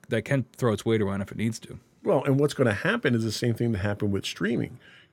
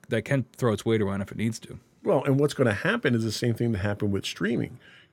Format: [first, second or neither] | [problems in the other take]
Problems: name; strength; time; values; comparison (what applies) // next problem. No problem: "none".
neither | none